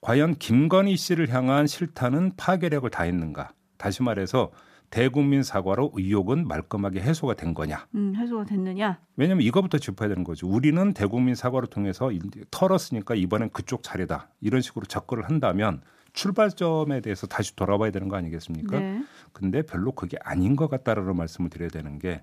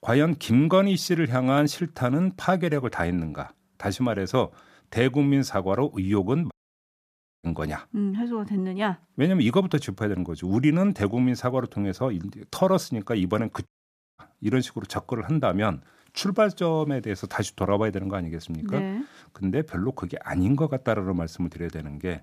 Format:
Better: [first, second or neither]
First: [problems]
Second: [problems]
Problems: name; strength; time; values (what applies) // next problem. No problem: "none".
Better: first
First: none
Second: audio cutting out; at 6.5 s for 1 s and at 14 s for 0.5 s